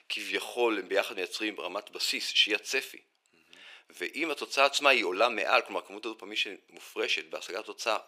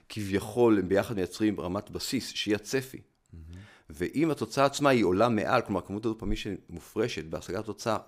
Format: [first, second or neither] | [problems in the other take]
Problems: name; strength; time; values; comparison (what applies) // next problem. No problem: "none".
second | thin; very; fading below 450 Hz